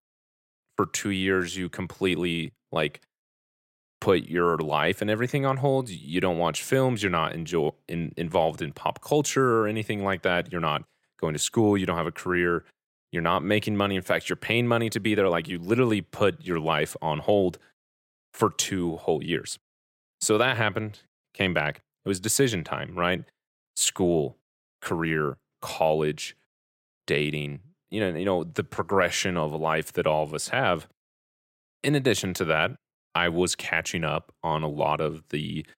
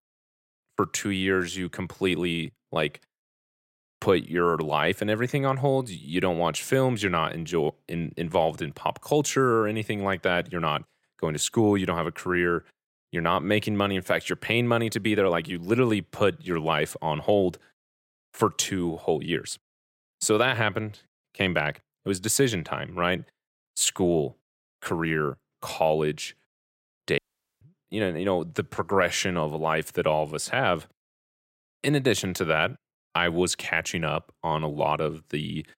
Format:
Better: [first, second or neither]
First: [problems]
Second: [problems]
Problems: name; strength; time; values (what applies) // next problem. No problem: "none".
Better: first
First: none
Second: audio cutting out; at 27 s